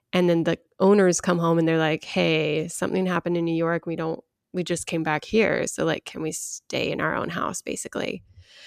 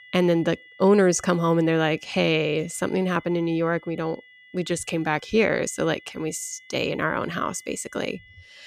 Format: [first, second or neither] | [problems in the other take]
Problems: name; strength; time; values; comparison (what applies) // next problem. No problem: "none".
first | high-pitched whine; faint; throughout; 2 kHz, 25 dB below the speech